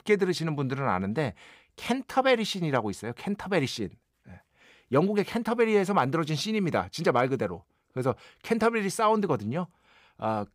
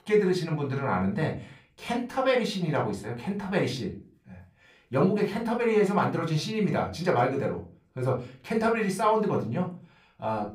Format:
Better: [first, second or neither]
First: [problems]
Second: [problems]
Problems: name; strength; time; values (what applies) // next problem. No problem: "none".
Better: first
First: none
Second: off-mic speech; somewhat distant // room echo; very slight; dies away in 0.3 s